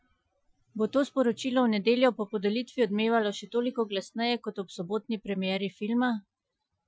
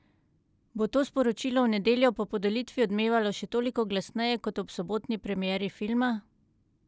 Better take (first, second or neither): second